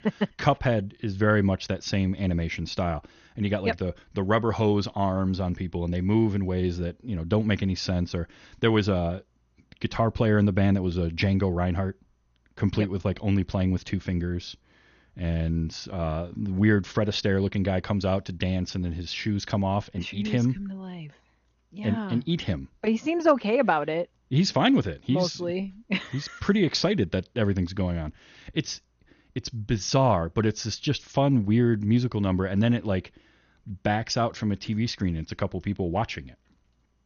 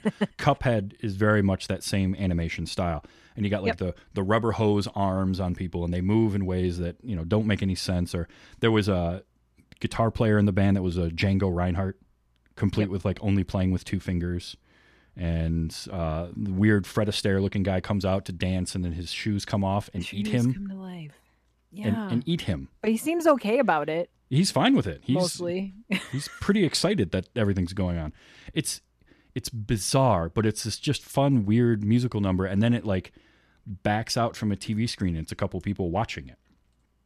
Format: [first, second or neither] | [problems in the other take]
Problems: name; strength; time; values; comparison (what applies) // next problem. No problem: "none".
second | garbled, watery; slightly; nothing above 6.5 kHz